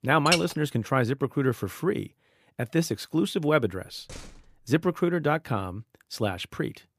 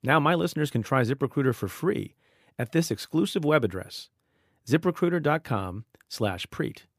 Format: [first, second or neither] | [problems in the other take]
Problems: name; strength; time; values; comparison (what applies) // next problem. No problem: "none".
second | clattering dishes; loud; at 0.5 s; peak 1 dB above the speech // door banging; faint; at 4 s; peak 15 dB below the speech